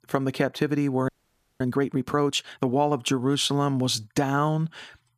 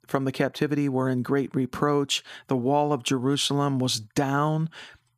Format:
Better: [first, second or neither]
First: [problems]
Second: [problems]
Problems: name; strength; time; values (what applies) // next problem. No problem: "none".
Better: second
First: audio freezing; at 1 s for 0.5 s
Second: none